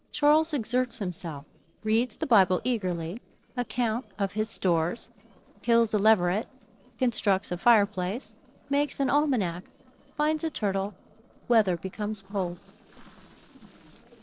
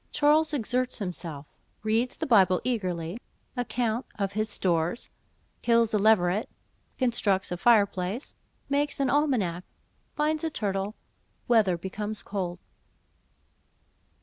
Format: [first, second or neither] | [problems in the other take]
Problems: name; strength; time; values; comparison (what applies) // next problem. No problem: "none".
second | noise reduction (neural separator model SepFormer DNS4)